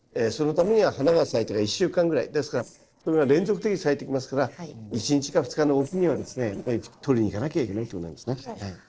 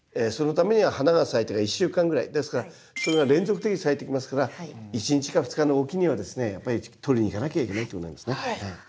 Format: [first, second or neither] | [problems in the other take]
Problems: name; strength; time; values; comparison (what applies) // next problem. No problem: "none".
second | noise reduction (neural separator model SepFormer DNS4)